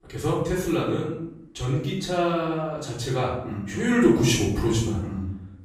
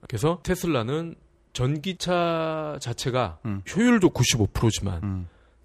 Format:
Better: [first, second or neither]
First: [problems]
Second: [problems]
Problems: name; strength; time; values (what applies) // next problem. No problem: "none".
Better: second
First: off-mic speech; far // room echo; noticeable; dies away in 0.7 s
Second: none